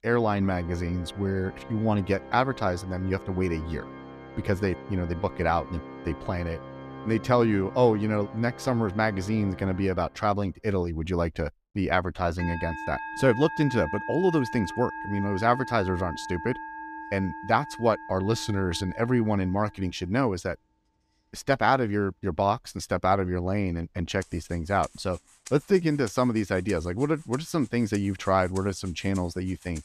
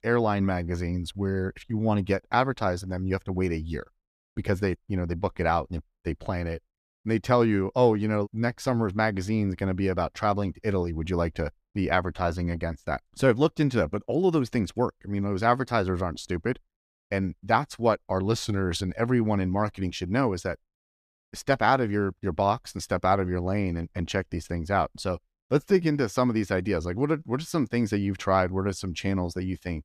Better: second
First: background music; noticeable; throughout; 15 dB below the speech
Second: none

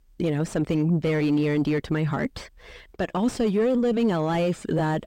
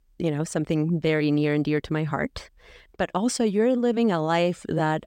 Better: second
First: distortion; slight; 9 dB below the speech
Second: none

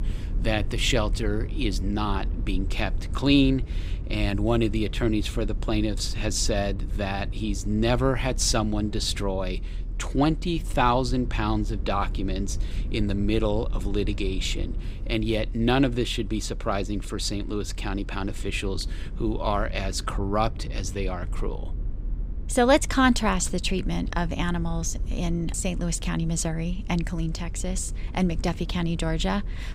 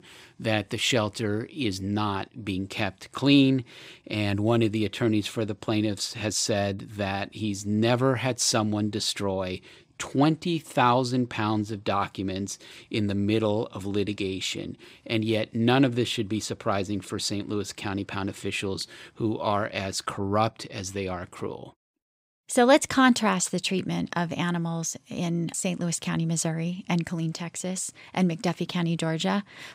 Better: second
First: low rumble; faint; throughout; 20 dB below the speech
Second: none

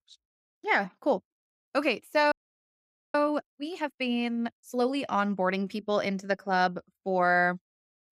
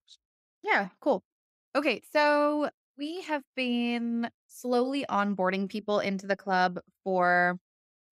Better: second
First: audio freezing; at 2.5 s for 1 s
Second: none

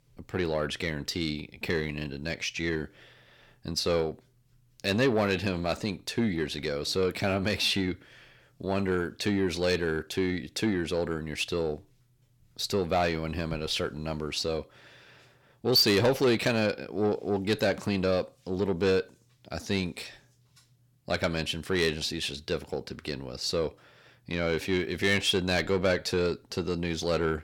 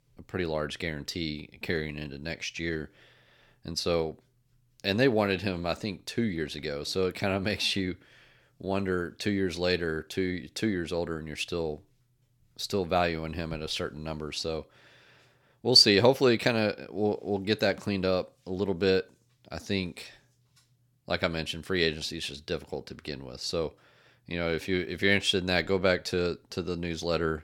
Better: second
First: distortion; slight; 10 dB below the speech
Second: none

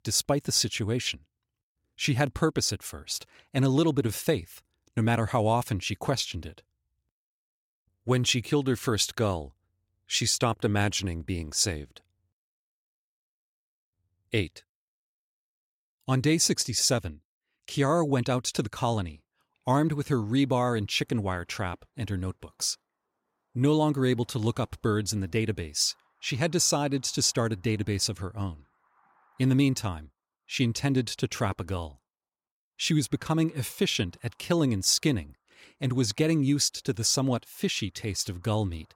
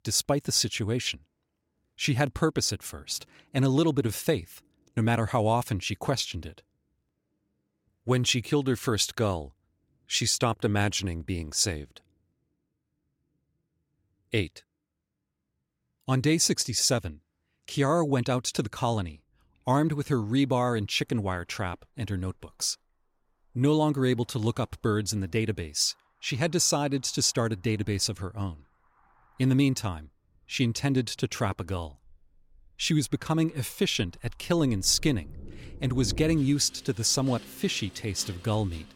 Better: first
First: none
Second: rain or running water; noticeable; throughout; 20 dB below the speech

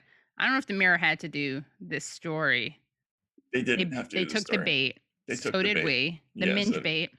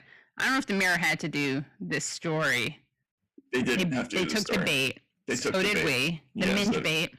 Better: first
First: none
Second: distortion; heavy; 7 dB below the speech

